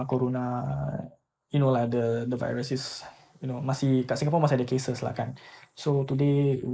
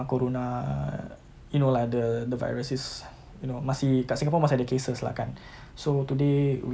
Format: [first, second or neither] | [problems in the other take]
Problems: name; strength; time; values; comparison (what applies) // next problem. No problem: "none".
second | noise reduction (neural mask model Resemble Enhance denoiser)